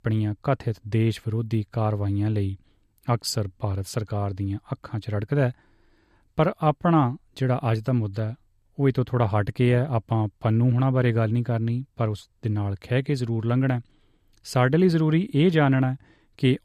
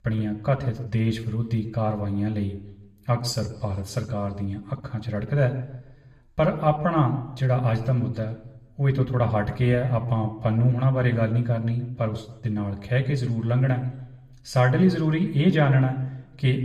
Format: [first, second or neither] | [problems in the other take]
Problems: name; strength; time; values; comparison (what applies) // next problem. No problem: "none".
first | room echo; slight; dies away in 0.6 s // off-mic speech; somewhat distant